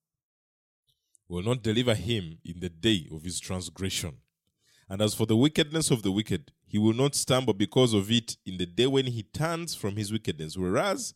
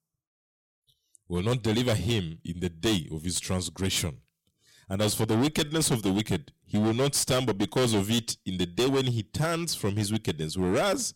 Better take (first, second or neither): first